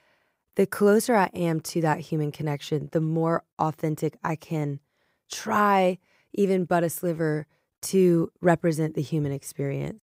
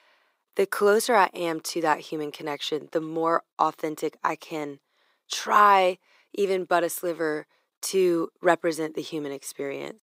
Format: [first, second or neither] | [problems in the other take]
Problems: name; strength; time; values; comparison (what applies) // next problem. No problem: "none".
first | thin; somewhat; fading below 300 Hz